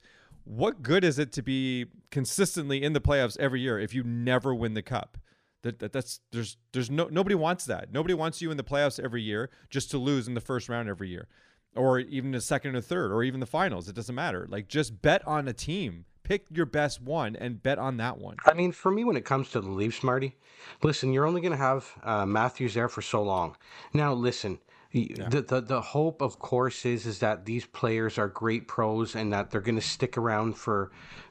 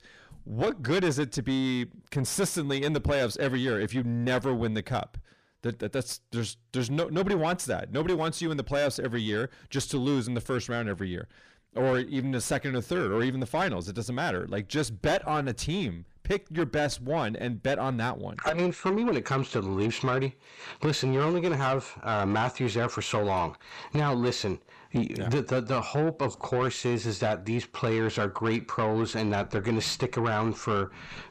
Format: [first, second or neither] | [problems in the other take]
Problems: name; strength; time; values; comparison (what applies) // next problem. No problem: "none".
first | distortion; heavy; 8 dB below the speech